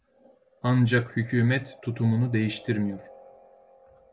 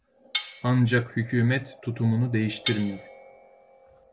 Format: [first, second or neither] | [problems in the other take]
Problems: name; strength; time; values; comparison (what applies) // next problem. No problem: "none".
first | background sound (Cutlery, silverware); 11 dB below the speech